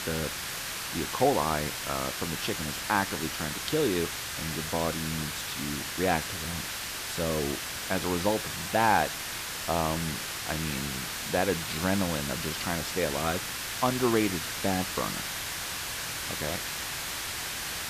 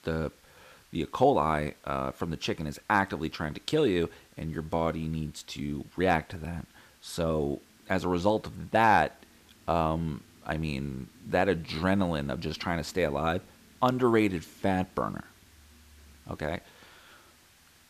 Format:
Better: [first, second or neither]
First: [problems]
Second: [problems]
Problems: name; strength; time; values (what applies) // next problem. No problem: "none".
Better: second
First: hiss; loud; throughout; 2 dB below the speech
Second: hiss; faint; throughout; 30 dB below the speech